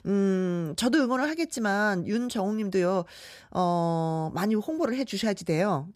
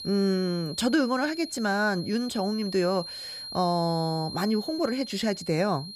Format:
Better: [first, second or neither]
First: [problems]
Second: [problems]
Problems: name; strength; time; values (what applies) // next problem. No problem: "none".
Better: first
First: none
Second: high-pitched whine; noticeable; throughout; 4 kHz, 10 dB below the speech